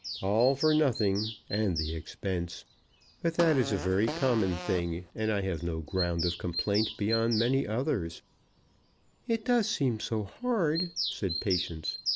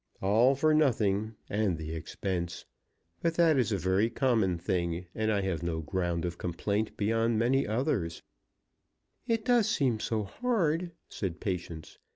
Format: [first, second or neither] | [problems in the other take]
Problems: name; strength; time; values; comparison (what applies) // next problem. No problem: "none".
second | background sound (Bird vocalization, bird call, bird song + Fart); 9 dB below the speech